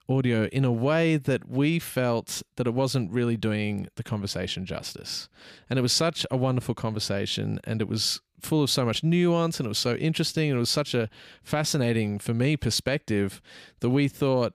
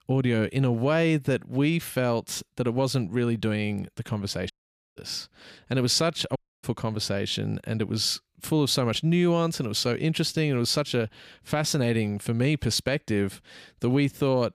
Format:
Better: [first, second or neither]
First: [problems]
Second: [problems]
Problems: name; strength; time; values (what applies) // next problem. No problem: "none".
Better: first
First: none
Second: audio cutting out; at 4.5 s and at 6.5 s